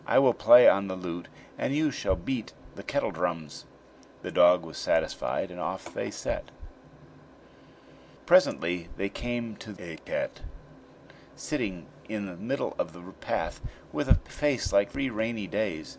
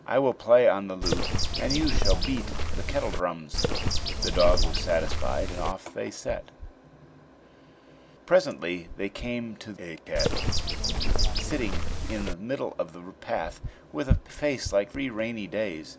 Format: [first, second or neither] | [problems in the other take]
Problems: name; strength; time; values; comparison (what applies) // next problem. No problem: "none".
first | background sound (Bird); 4 dB above the speech